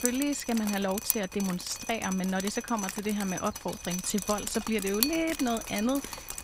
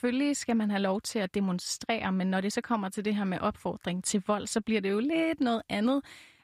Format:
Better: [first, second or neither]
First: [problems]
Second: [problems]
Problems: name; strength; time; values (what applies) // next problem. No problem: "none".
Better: second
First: rain or running water; loud; throughout; 4 dB below the speech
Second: none